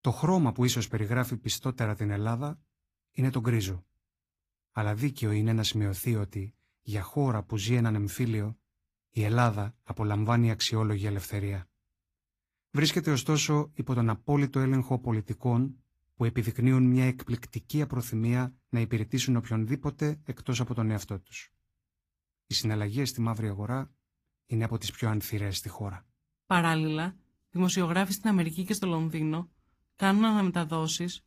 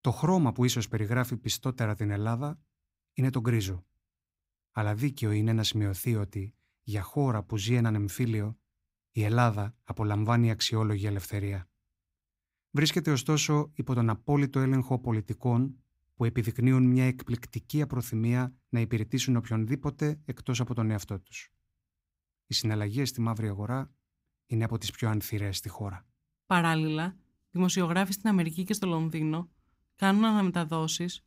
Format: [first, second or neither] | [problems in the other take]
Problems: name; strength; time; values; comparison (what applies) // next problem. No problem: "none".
second | garbled, watery; slightly; nothing above 15.5 kHz